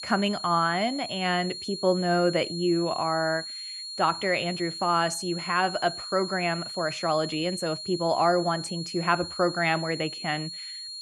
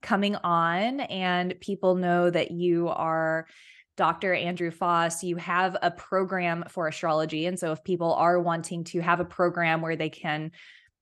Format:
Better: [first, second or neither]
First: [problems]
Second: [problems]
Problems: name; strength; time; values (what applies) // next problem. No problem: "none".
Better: second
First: high-pitched whine; loud; throughout; 4.5 kHz, 8 dB below the speech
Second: none